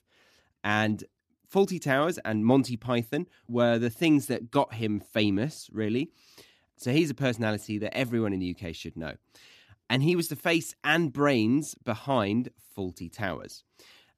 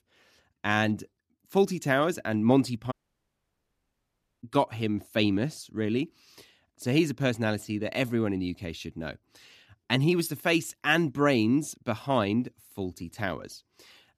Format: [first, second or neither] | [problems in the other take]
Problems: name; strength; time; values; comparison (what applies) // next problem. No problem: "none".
first | audio cutting out; at 3 s for 1.5 s